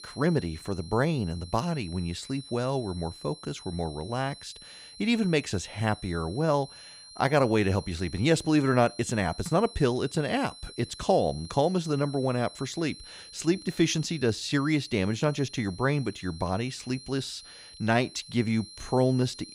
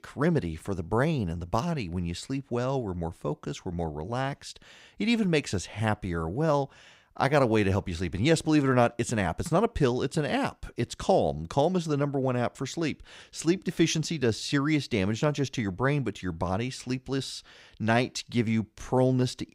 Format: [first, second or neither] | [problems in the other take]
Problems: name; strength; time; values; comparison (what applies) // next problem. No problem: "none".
second | high-pitched whine; noticeable; throughout; 4 kHz, 15 dB below the speech